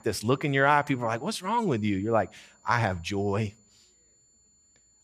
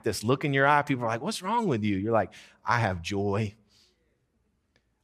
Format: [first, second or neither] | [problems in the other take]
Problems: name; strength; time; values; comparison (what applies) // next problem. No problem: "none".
second | high-pitched whine; faint; throughout; 7 kHz, 35 dB below the speech